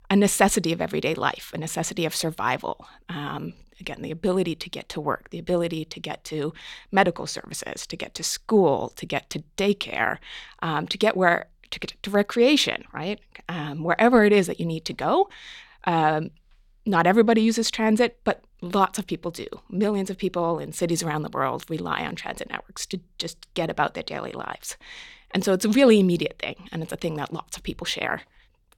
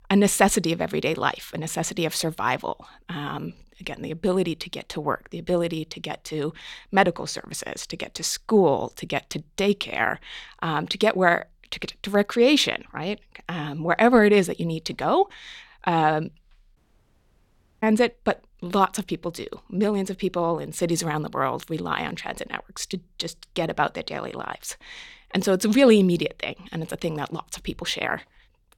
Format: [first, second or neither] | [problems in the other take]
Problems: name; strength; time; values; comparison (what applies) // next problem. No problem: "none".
first | audio cutting out; at 17 s for 1 s